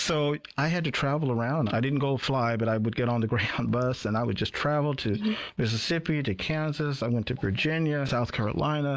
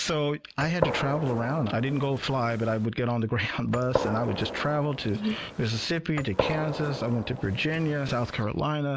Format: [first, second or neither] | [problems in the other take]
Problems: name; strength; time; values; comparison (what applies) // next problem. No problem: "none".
first | background sound (Gunshot, gunfire); 7 dB below the speech